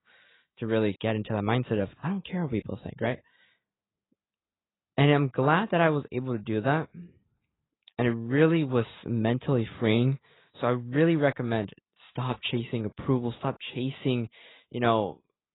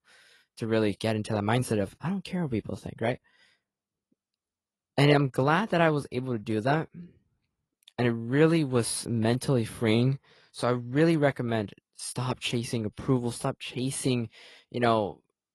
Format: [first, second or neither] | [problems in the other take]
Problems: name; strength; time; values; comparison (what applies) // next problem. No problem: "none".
second | garbled, watery; badly; nothing above 4 kHz; slightly in the second